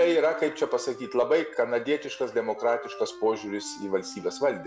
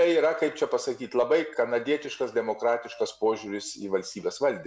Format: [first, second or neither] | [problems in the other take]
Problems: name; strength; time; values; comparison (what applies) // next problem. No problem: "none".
second | background sound (Wind instrument, woodwind instrument); 16 dB below the speech